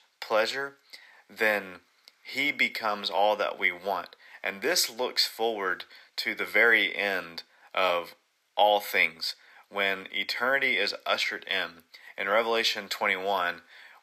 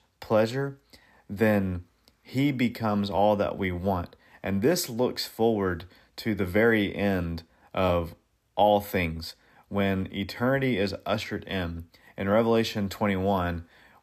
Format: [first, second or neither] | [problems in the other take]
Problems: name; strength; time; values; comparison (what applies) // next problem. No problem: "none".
second | thin; very; fading below 600 Hz